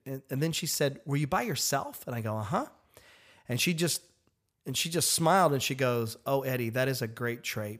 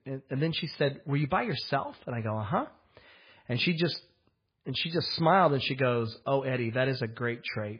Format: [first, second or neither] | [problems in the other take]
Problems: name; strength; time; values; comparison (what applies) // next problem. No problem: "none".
first | garbled, watery; badly; nothing above 5 kHz